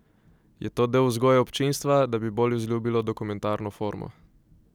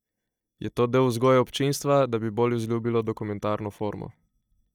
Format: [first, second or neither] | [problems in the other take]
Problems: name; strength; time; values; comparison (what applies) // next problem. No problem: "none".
first | noise reduction (neural mask model DeepFilterNet 3)